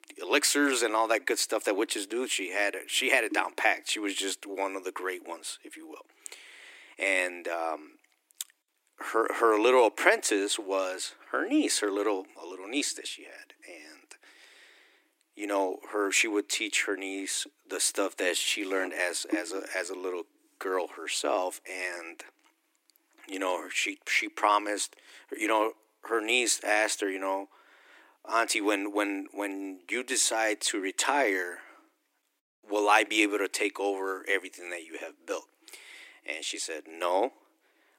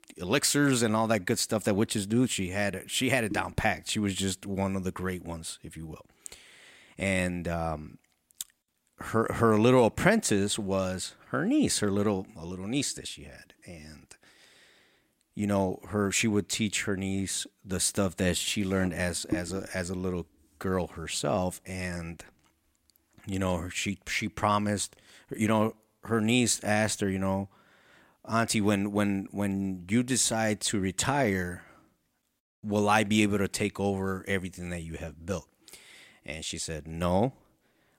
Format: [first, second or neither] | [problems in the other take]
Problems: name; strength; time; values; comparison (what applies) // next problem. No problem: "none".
second | thin; somewhat; fading below 300 Hz